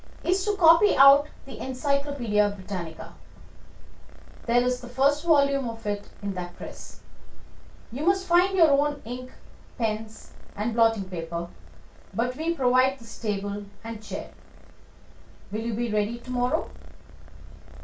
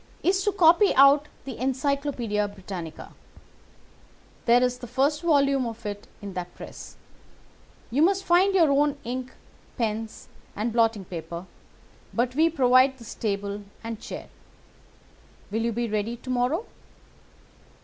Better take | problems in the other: second | background sound (Purr); 20 dB below the speech // room echo; dies away in 0.2 s

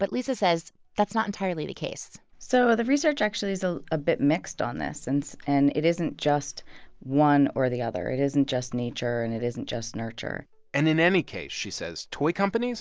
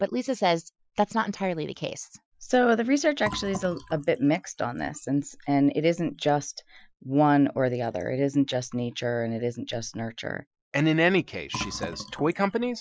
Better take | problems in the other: first | noise reduction (classical method Wiener filter)

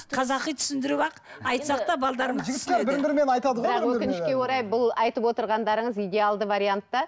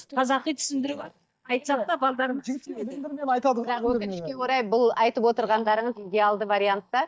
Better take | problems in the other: first | noise reduction (neural mask model DeepFilterNet 3)

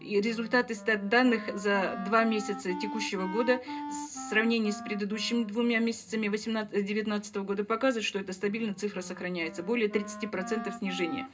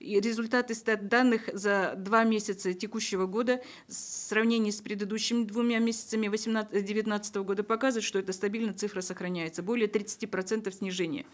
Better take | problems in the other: second | background sound (Wind instrument, woodwind instrument); 12 dB below the speech // room echo; dies away in 0.2 s

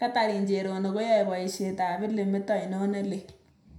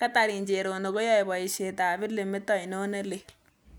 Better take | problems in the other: second | room echo; dies away in 0.5 s

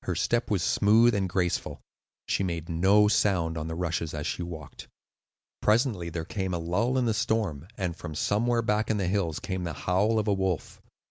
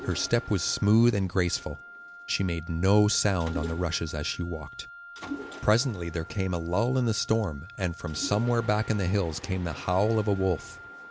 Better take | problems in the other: first | background sound (Mechanisms + Wind instrument, woodwind instrument); 16 dB below the speech

